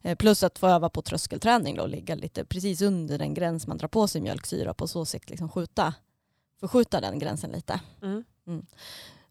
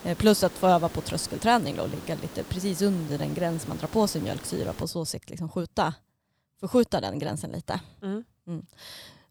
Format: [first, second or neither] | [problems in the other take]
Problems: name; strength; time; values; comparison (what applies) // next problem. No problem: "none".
first | hiss; noticeable; until 5 s; 15 dB below the speech